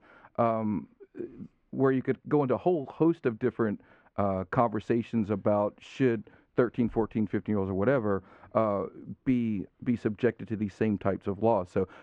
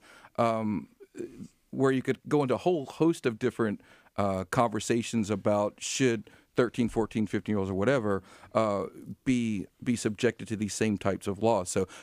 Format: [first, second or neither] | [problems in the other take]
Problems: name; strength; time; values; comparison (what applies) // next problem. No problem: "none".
second | muffled; very; fading above 1.5 kHz